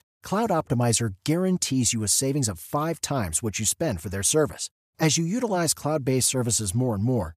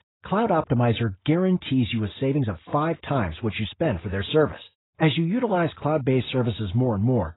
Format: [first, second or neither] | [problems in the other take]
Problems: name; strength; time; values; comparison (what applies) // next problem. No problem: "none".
first | garbled, watery; badly; nothing above 4 kHz